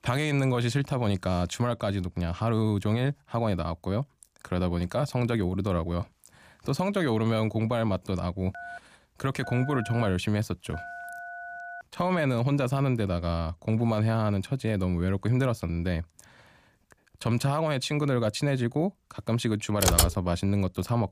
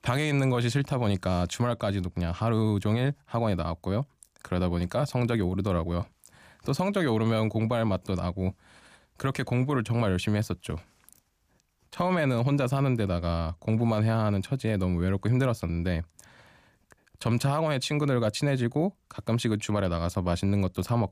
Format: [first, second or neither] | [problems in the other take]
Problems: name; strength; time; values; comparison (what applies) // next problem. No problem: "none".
second | phone ringing; faint; from 8.5 to 12 s; peak 10 dB below the speech // keyboard typing; loud; at 20 s; peak 6 dB above the speech